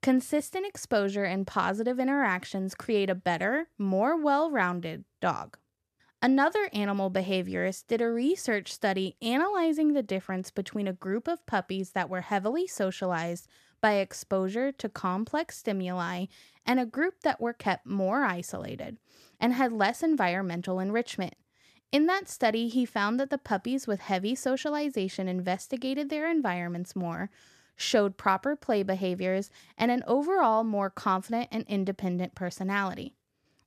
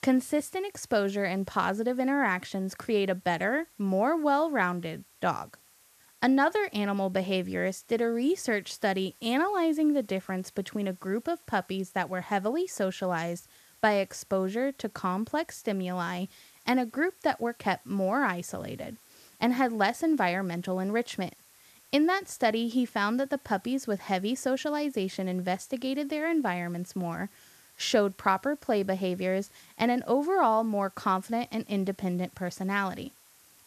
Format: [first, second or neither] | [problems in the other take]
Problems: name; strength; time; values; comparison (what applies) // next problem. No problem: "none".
first | hiss; faint; throughout; 25 dB below the speech